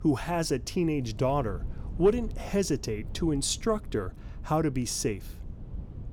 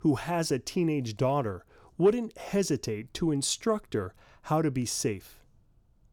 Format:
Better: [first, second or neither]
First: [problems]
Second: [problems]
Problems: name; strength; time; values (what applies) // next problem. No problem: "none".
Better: second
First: wind noise on the microphone; occasional gusts; 25 dB below the speech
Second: none